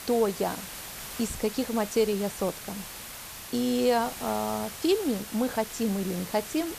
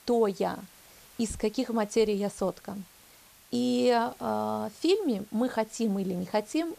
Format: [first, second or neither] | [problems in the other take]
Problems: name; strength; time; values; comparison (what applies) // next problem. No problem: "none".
second | hiss; loud; throughout; 10 dB below the speech; faint in the second